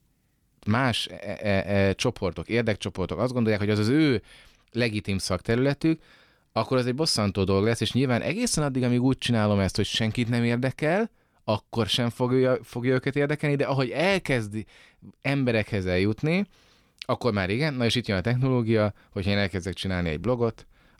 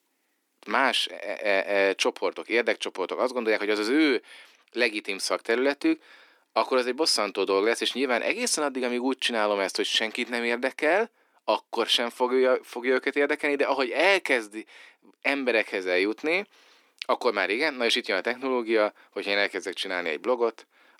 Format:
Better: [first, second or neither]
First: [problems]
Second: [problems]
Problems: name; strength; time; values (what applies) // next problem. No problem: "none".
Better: first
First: none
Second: thin; somewhat; fading below 300 Hz